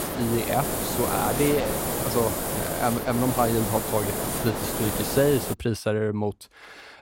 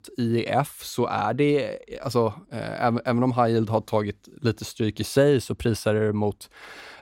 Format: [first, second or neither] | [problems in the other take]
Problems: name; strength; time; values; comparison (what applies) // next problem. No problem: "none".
second | hiss; loud; until 5.5 s; 1 dB below the speech